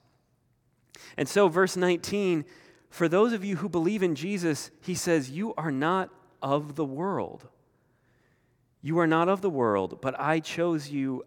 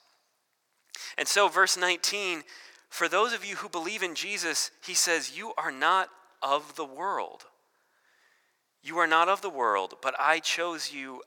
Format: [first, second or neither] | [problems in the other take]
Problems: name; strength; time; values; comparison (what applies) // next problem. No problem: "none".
first | thin; very; fading below 900 Hz